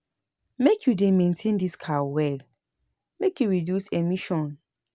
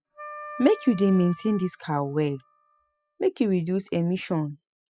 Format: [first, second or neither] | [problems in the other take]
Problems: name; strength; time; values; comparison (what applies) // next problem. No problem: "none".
first | noise reduction (classical method spectral subtraction)